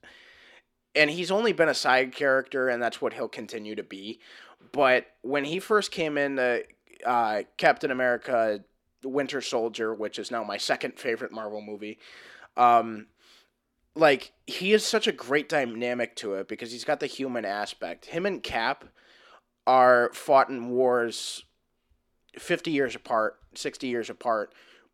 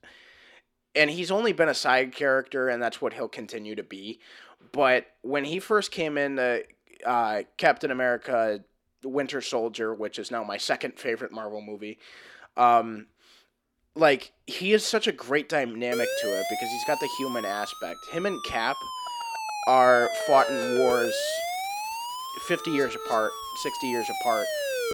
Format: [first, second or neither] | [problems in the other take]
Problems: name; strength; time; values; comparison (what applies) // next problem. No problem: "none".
first | siren; noticeable; from 16 s on; peak 2 dB below the speech